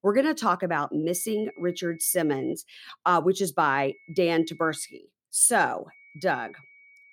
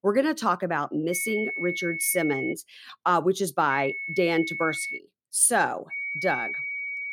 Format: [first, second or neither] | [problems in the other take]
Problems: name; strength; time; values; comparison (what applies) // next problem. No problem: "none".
first | high-pitched whine; loud; from 1 to 2.5 s, from 3.5 to 5 s and from 6 s on; 2 kHz, 5 dB below the speech; faint in the first